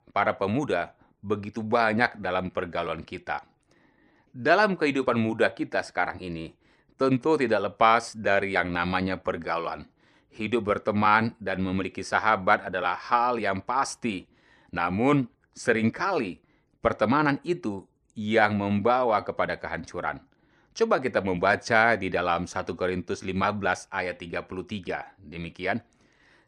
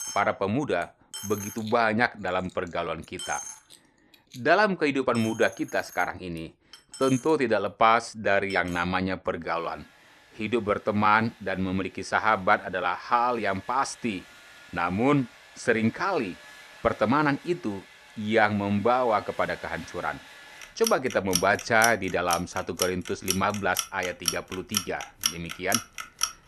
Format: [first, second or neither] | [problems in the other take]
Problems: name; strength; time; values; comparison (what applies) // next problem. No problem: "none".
first | household noises; loud; throughout; 8 dB below the speech